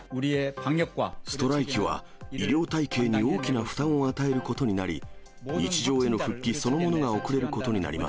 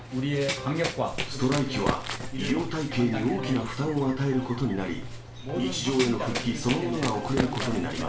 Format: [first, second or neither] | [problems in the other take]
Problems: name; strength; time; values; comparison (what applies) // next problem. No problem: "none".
first | background sound (Run); 8 dB below the speech // room echo; dies away in 0.4 s